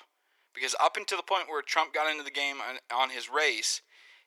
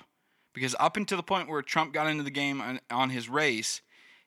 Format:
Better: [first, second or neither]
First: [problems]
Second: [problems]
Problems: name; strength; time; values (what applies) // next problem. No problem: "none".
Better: second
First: thin; very; fading below 400 Hz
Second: none